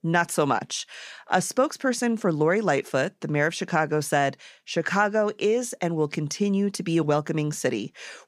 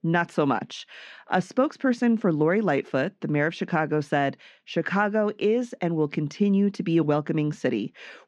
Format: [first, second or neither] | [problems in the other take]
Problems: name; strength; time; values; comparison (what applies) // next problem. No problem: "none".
first | muffled; slightly; fading above 3 kHz